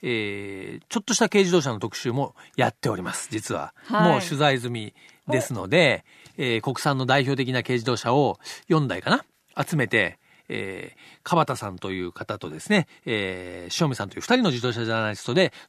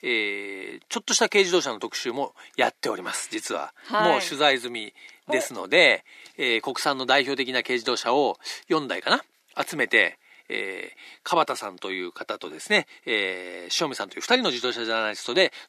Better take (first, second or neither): first